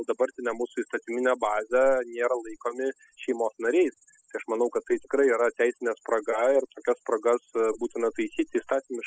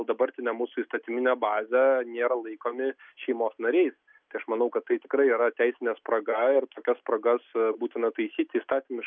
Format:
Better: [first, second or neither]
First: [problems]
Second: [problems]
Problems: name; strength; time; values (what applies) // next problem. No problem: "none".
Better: second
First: noise reduction (classical method spectral subtraction)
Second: none